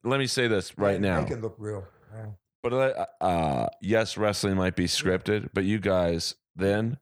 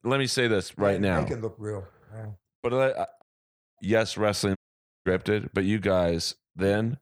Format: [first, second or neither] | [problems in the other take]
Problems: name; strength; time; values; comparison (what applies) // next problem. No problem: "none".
first | audio cutting out; at 3 s for 0.5 s and at 4.5 s